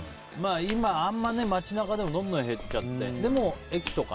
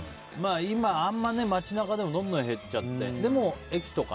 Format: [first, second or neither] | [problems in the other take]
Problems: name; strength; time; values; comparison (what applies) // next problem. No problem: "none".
second | background sound (Walk, footsteps); 12 dB below the speech